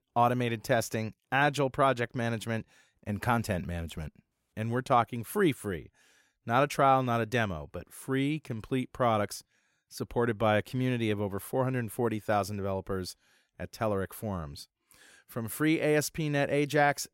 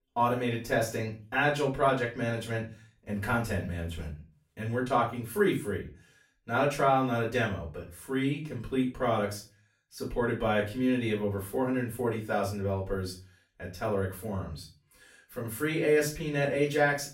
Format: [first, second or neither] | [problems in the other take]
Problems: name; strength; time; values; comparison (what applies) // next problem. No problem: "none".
first | room echo; slight; dies away in 0.3 s // off-mic speech; far